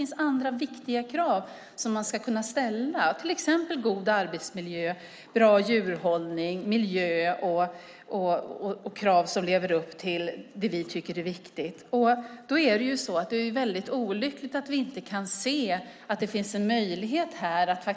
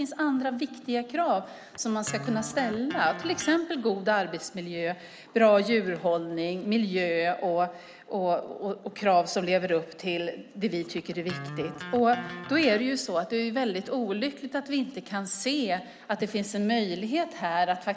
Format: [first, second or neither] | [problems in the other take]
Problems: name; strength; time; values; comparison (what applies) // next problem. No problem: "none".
first | background sound (Electric guitar); 13 dB below the speech